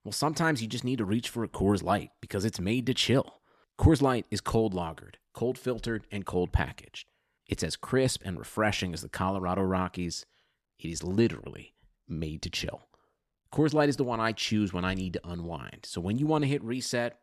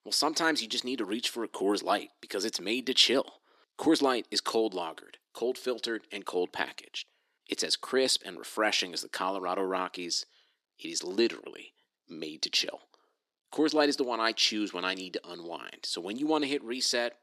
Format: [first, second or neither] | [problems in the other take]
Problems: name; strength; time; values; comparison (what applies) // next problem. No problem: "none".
first | thin; somewhat; fading below 300 Hz